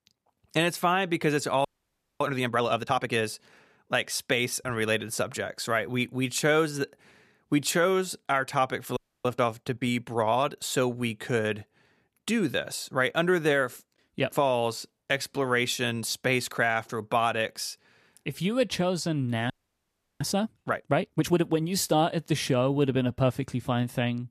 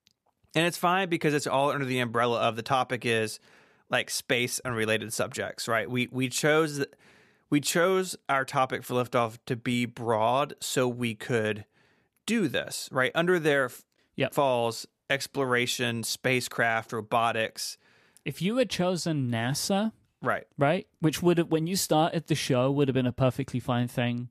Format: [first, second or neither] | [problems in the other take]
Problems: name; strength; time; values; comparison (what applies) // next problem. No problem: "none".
second | audio freezing; at 1.5 s for 0.5 s, at 9 s and at 20 s for 0.5 s